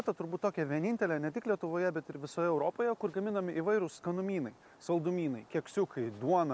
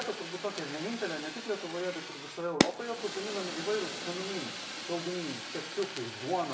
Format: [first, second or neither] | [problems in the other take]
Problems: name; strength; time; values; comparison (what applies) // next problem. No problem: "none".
first | background sound (Fire); 2 dB below the speech // room echo; dies away in 0.6 s